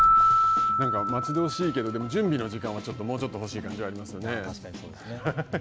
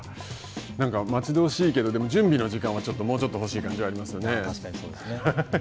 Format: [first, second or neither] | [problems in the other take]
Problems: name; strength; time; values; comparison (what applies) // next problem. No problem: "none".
second | background sound (Keyboard (musical)); 3 dB above the speech